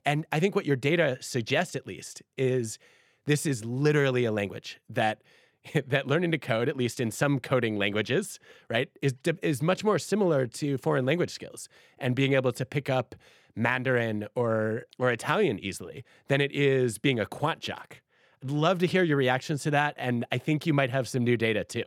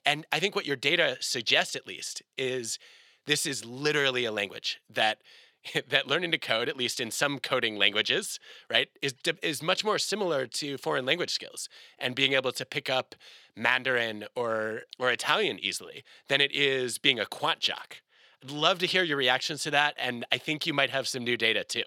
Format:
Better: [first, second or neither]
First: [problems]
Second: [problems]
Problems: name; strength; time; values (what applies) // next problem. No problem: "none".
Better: first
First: none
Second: thin; somewhat; fading below 800 Hz